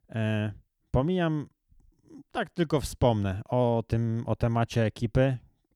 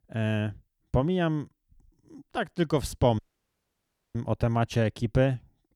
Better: first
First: none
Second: audio cutting out; at 3 s for 1 s

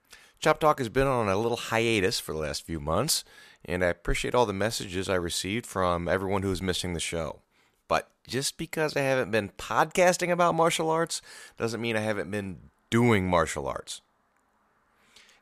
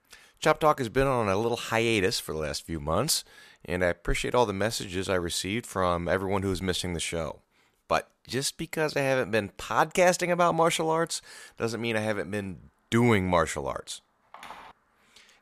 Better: first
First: none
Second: phone ringing; faint; at 14 s; peak 15 dB below the speech

